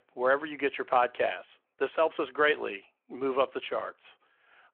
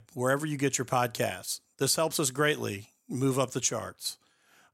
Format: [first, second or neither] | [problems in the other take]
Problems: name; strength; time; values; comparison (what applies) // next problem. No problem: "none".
second | phone-call audio